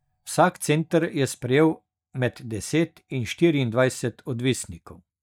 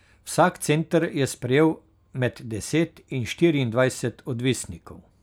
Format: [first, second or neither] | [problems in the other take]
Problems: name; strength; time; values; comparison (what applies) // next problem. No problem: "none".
second | noise reduction (neural mask model DeepFilterNet 3)